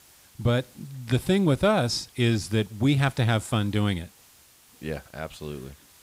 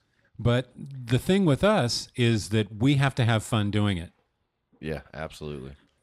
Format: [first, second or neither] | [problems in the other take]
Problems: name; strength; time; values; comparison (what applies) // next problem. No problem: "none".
second | hiss; faint; throughout; 25 dB below the speech